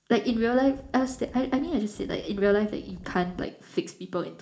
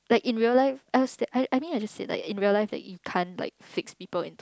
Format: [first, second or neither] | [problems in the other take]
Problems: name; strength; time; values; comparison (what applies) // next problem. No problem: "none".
second | background sound (Wind); 19 dB below the speech // room echo; dies away in 0.4 s